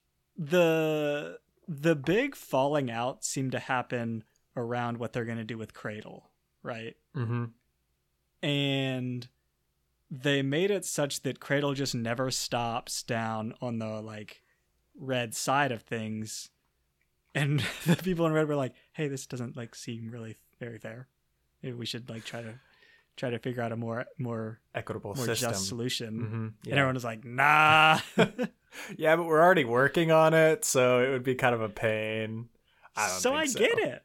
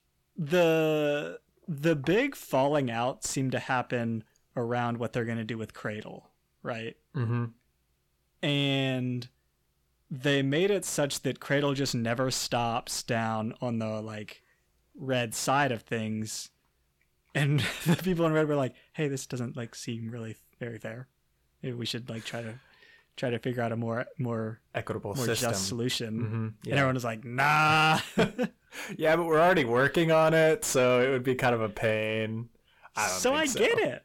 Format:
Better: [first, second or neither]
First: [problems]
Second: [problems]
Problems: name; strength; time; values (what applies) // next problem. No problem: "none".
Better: first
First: none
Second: distortion; slight; 10 dB below the speech